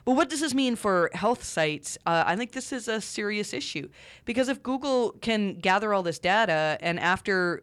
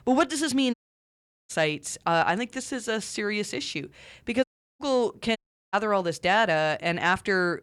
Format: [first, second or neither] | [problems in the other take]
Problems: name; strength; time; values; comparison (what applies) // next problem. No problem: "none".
first | audio cutting out; at 0.5 s for 1 s, at 4.5 s and at 5.5 s